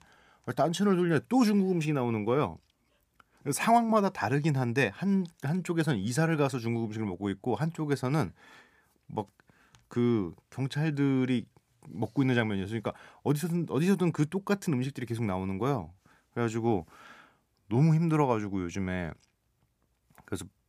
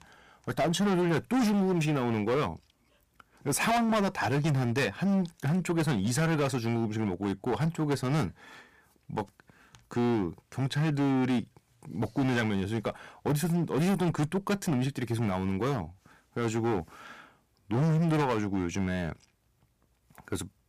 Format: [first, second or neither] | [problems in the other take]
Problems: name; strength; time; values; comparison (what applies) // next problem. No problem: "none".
first | distortion; heavy; 15% of the sound clipped